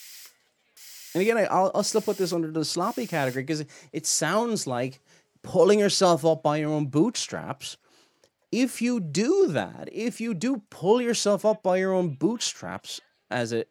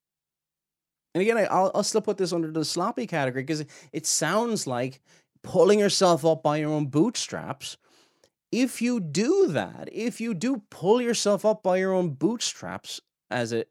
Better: second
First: hiss; noticeable; throughout; 20 dB below the speech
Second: none

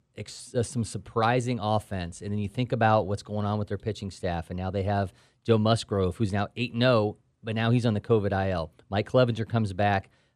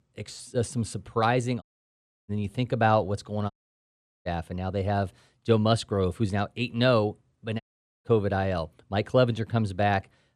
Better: first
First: none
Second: audio cutting out; at 1.5 s for 0.5 s, at 3.5 s for 1 s and at 7.5 s

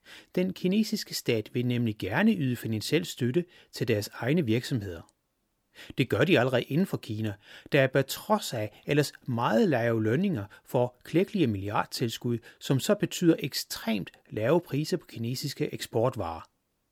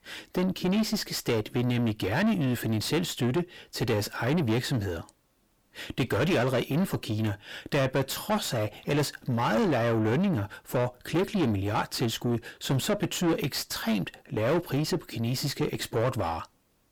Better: first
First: none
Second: distortion; heavy; 6 dB below the speech

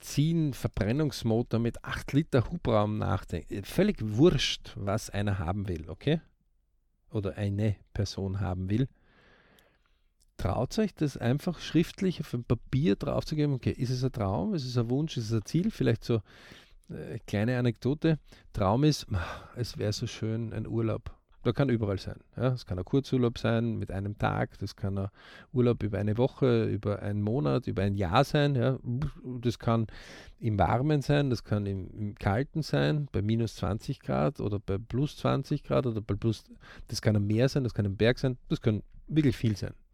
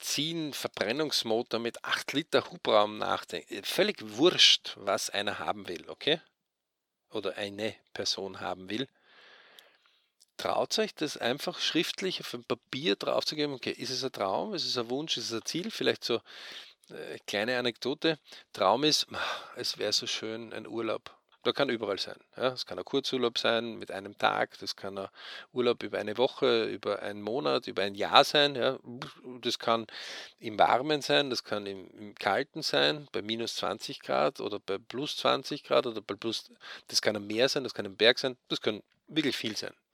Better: first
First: none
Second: thin; very; fading below 450 Hz

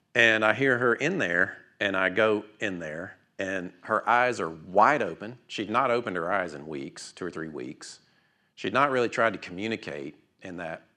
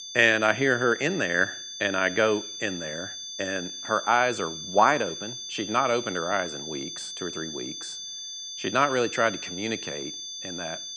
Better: first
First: none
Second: high-pitched whine; loud; throughout; 3.5 kHz, 9 dB below the speech

